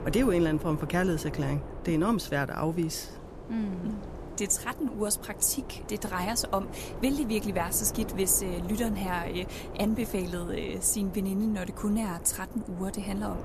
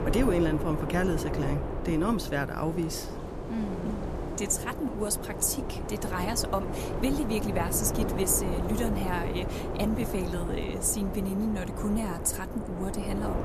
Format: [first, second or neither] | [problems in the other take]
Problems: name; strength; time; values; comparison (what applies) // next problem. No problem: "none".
first | wind noise on the microphone; heavy; 4 dB below the speech; occasional gusts in the first